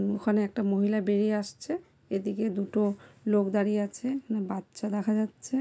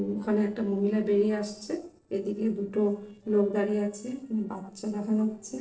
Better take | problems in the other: first | noise reduction (neural separator model SepFormer DNS4)

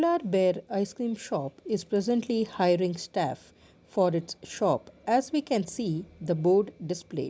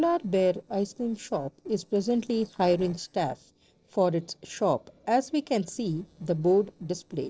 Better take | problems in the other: first | noise reduction (neural separator model SepFormer DNS4)

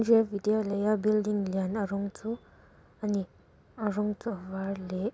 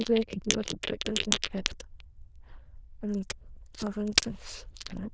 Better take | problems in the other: first | noise reduction (neural diffusion model UNIVERSE++)

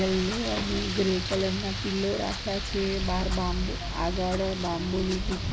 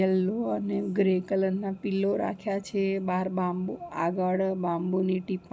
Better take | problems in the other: second | background sound (Rain + Clock); 2 dB below the speech

